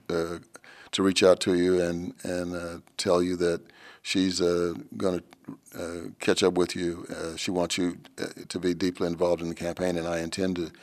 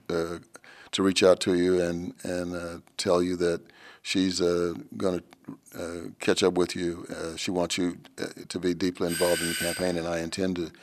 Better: first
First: none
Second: doorbell; noticeable; at 9 s; peak 1 dB below the speech

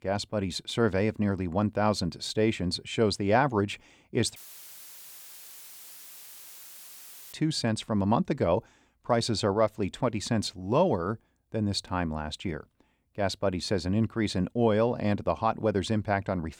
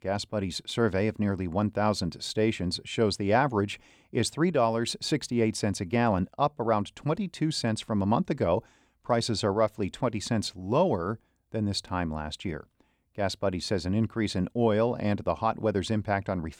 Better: second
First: audio cutting out; filled with static; at 4.5 s for 3 s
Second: none

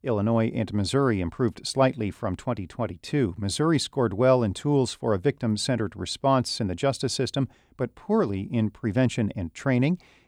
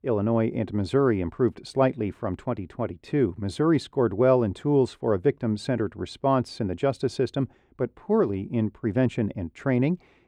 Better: first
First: none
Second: muffled; slightly; fading above 3.5 kHz

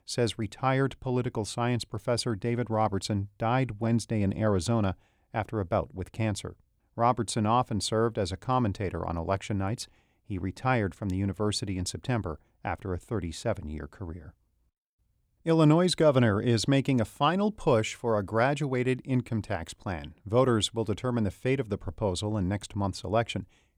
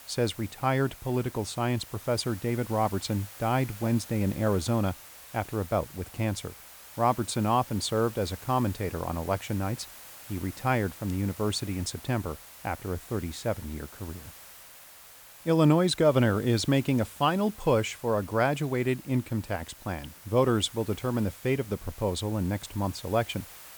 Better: first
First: none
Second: hiss; noticeable; throughout; 15 dB below the speech

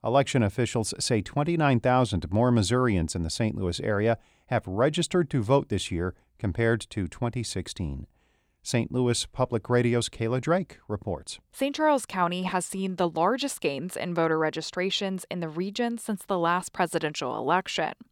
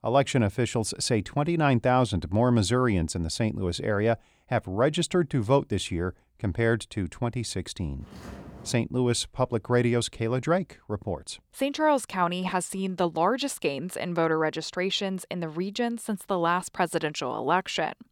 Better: first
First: none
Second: footsteps; faint; at 8 s; peak 15 dB below the speech

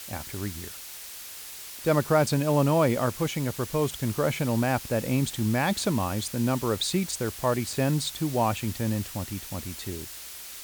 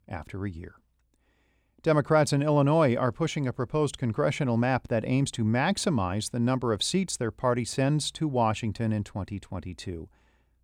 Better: second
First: hiss; noticeable; throughout; 10 dB below the speech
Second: none

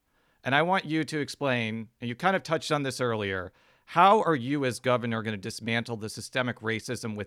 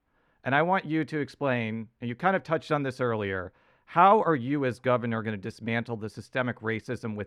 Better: first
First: none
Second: muffled; slightly; fading above 3.5 kHz

